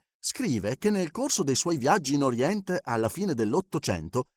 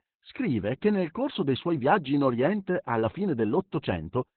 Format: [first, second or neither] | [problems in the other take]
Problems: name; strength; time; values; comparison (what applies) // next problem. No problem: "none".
first | garbled, watery; badly; nothing above 4 kHz; slightly in the first